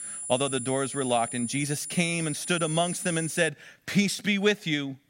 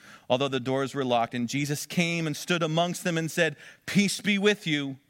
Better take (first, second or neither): second